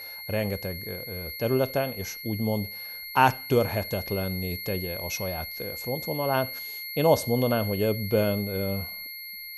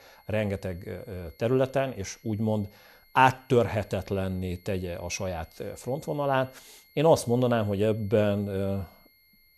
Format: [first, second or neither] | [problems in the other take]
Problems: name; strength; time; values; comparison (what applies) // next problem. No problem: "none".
second | high-pitched whine; loud; throughout; 2 kHz, 7 dB below the speech; faint in the second